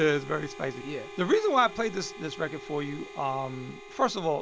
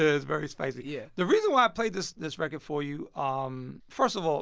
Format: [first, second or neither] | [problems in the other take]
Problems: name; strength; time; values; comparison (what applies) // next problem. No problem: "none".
second | background sound (Harmonica); 15 dB below the speech